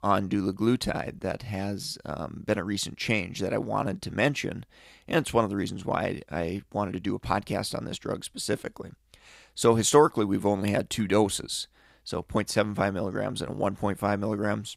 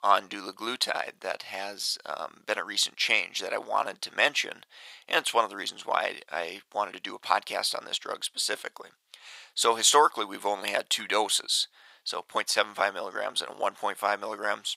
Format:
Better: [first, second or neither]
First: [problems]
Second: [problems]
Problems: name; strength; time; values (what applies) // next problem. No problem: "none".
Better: first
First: none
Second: thin; very; fading below 850 Hz